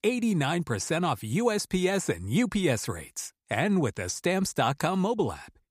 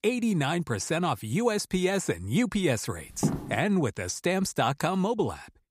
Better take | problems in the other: first | footsteps; noticeable; at 3 s; peak 2 dB below the speech

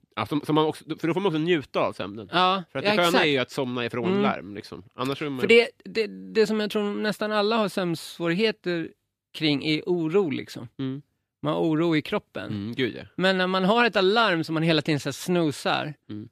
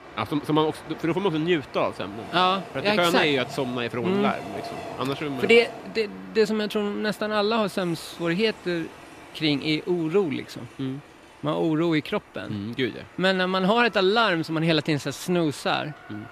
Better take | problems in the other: first | train or aircraft noise; noticeable; throughout; 15 dB below the speech

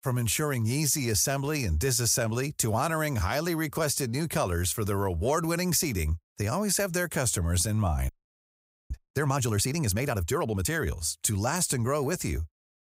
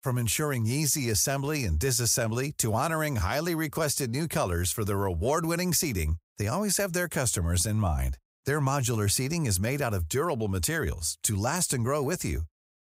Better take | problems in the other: second | audio freezing; at 8 s for 1 s

